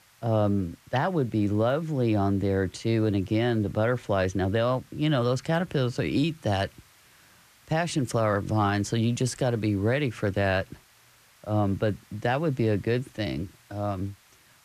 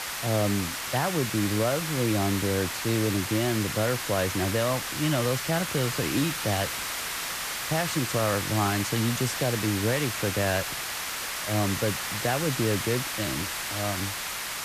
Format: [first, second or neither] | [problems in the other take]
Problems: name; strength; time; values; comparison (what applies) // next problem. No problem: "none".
first | hiss; loud; throughout; 2 dB below the speech; faint in the first